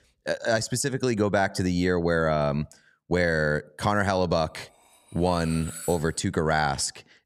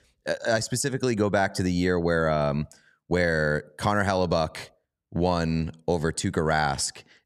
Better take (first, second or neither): second